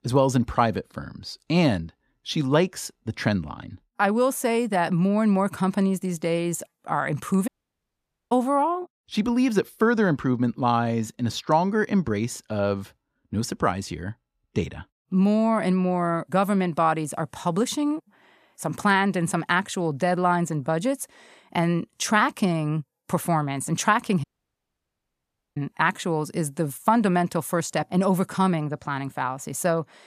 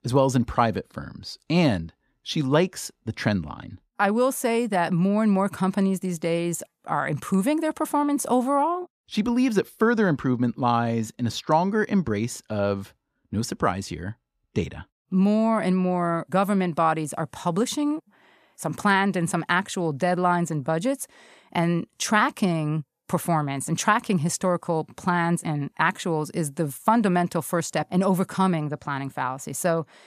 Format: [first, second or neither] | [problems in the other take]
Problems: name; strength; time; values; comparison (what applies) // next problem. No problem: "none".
second | audio cutting out; at 7.5 s for 1 s and at 24 s for 1.5 s